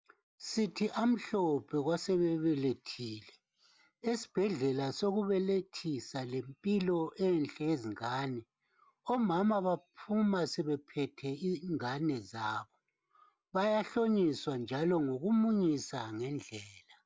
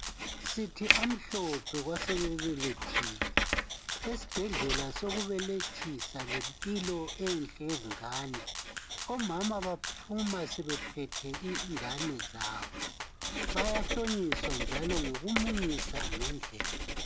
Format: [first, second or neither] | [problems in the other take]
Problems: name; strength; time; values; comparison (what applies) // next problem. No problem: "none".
first | background sound (Rattle (instrument) + Writing); 1 dB above the speech